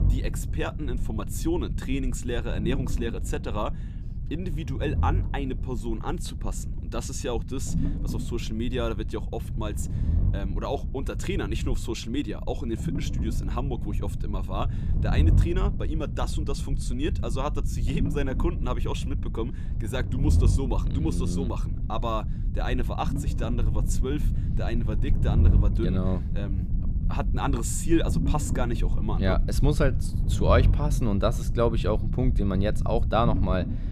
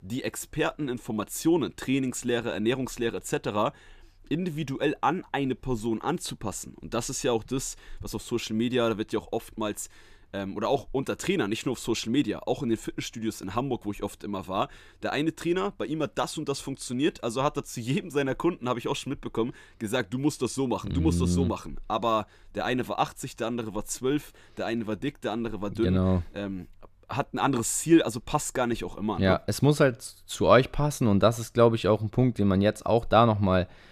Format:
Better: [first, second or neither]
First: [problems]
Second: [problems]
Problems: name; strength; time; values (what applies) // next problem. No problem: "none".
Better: second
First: low rumble; loud; throughout; 10 dB below the speech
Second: none